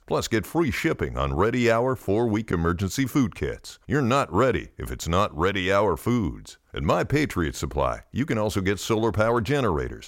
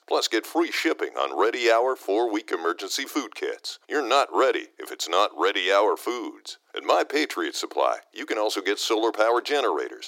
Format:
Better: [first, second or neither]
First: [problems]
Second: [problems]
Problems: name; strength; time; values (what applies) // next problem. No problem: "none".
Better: first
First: none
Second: thin; very; fading below 300 Hz